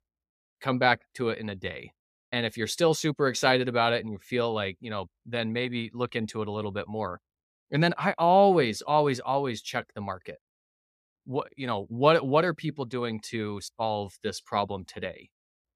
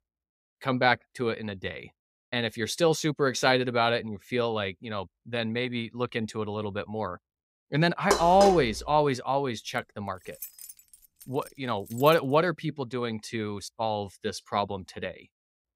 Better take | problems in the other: first | clattering dishes; loud; at 8 s; peak 1 dB above the speech // jangling keys; faint; from 10 to 12 s; peak 15 dB below the speech

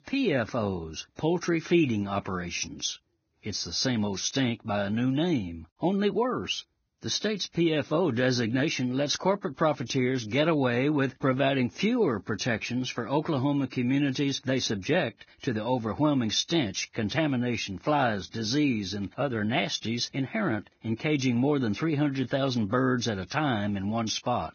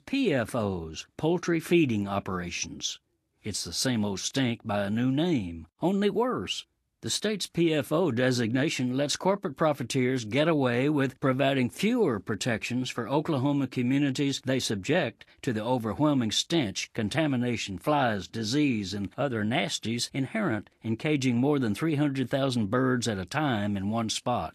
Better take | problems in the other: second | garbled, watery; badly; nothing above 6.5 kHz; slightly in the second

